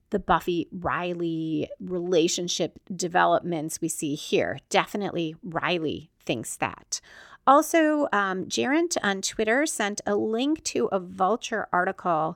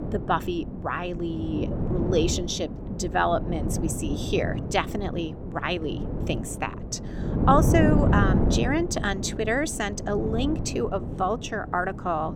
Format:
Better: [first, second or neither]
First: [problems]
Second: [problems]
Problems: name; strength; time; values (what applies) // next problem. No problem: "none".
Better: first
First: none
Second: wind noise on the microphone; heavy; 8 dB below the speech